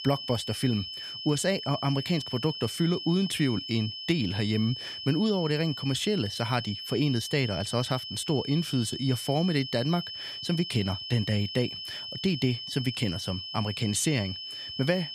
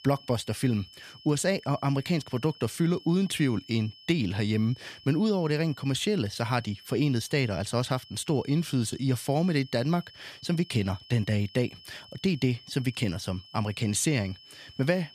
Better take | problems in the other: second | high-pitched whine; loud; throughout; 3 kHz, 7 dB below the speech; faint in the second

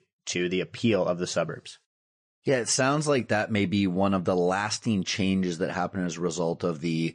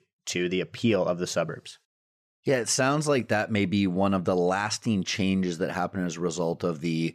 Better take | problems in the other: second | garbled, watery; slightly; nothing above 9 kHz

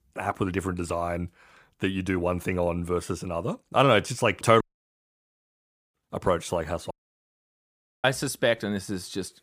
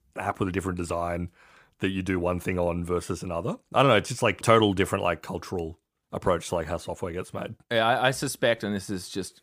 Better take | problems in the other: second | audio cutting out; at 4.5 s for 1.5 s and at 7 s for 1 s

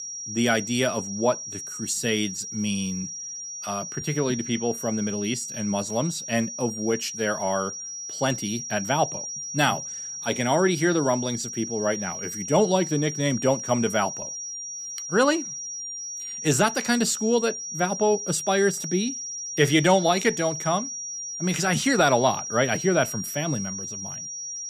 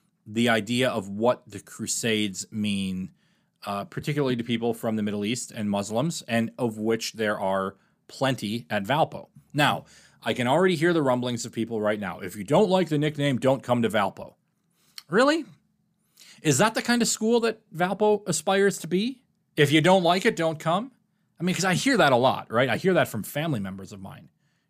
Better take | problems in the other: second | high-pitched whine; loud; throughout; 5.5 kHz, 7 dB below the speech

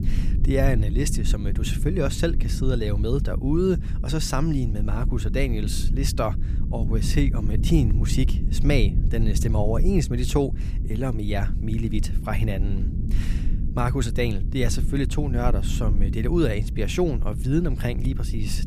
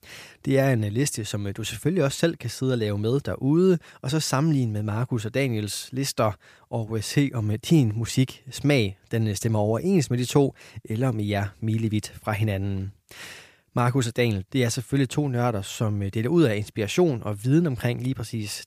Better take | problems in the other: second | low rumble; noticeable; throughout; 10 dB below the speech

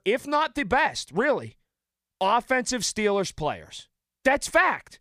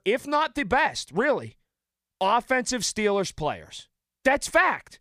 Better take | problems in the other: neither | none

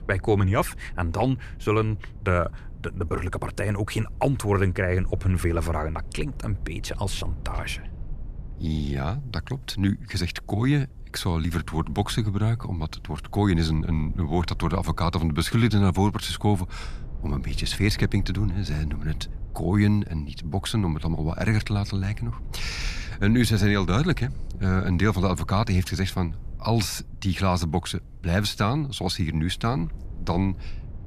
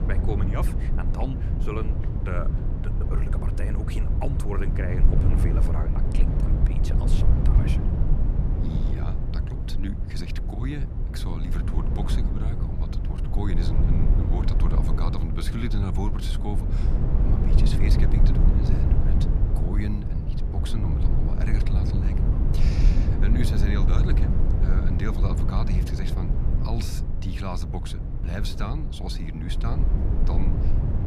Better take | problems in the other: first | low rumble; loud; throughout; as loud as the speech; faint in the first

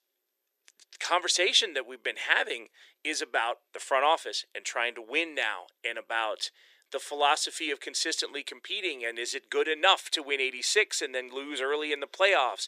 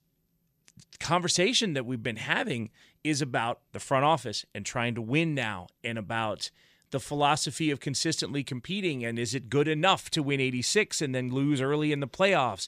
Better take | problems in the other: second | thin; very; fading below 400 Hz

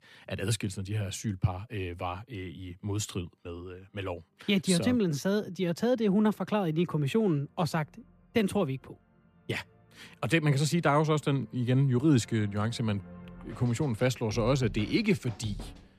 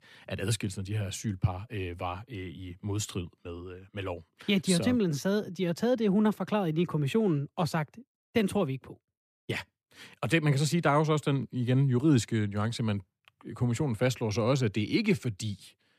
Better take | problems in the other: second | background music; faint; throughout; 20 dB below the speech

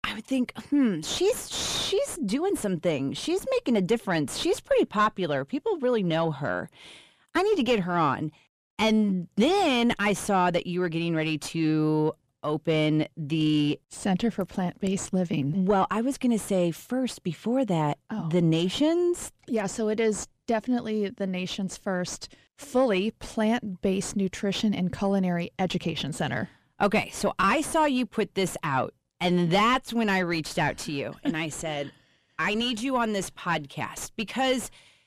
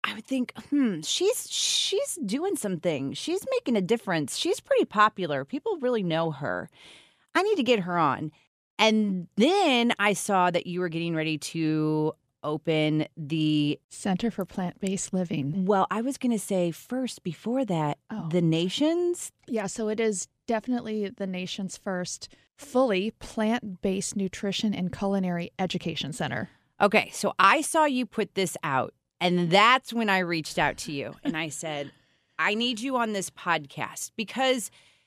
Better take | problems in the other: second | distortion; slight; 9 dB below the speech

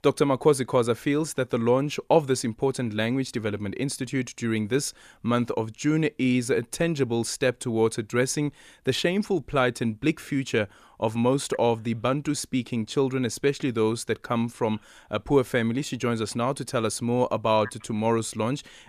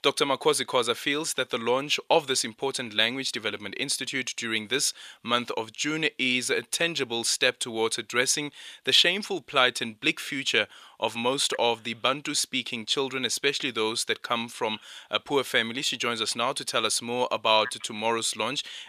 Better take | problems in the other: first | thin; somewhat; fading below 1 kHz

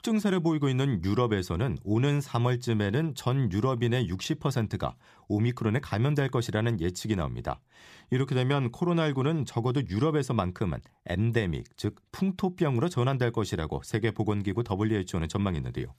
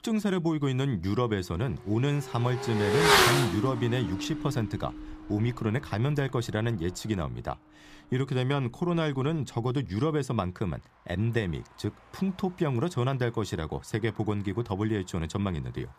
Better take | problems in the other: first | traffic noise; very loud; throughout; 3 dB above the speech

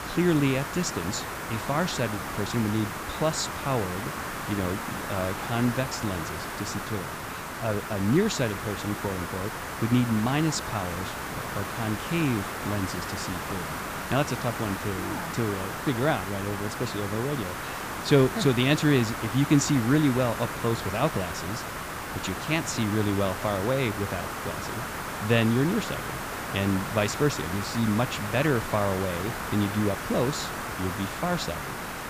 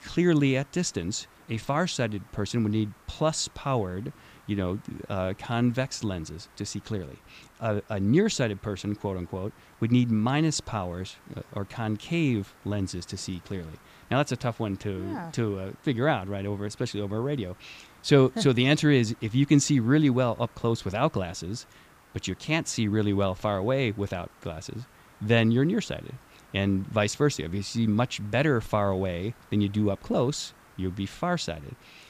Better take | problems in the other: second | hiss; loud; throughout; 5 dB below the speech; faint in the second

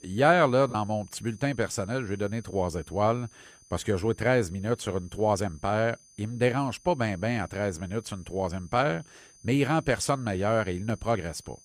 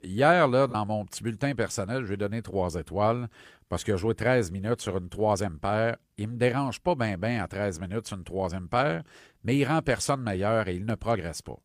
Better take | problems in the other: second | high-pitched whine; faint; throughout; 6 kHz, 25 dB below the speech

